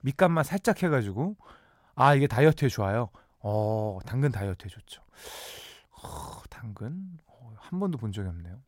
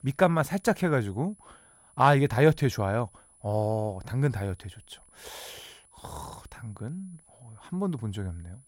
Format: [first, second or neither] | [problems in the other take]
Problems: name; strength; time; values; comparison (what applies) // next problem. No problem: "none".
first | high-pitched whine; faint; throughout; 10 kHz, 30 dB below the speech